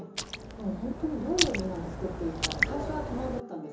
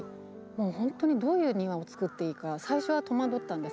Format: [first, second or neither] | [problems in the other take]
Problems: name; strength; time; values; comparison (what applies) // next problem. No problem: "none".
second | background sound (Raindrop); 1 dB above the speech // room echo; dies away in 0.8 s